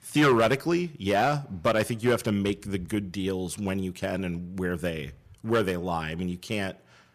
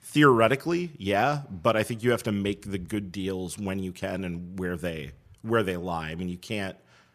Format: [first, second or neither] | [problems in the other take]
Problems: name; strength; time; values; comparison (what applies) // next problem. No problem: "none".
second | distortion; slight; 3% of the sound clipped